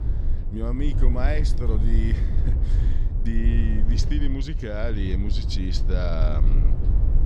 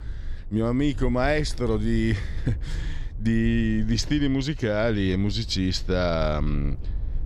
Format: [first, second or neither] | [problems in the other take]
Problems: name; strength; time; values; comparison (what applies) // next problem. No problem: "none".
second | low rumble; loud; throughout; 7 dB below the speech; faint in the second